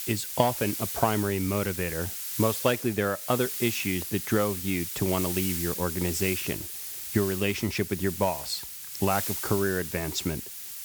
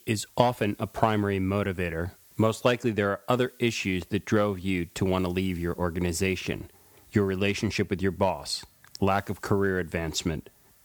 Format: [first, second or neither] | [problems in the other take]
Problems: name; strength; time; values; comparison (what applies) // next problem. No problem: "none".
second | hiss; loud; throughout; 4 dB below the speech; faint in the second